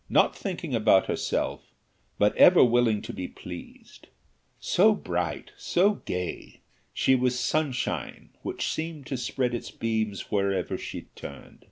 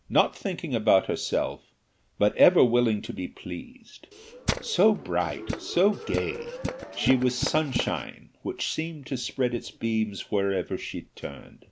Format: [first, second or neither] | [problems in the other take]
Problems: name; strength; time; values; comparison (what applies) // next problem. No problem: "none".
first | background sound (Tools); 7 dB below the speech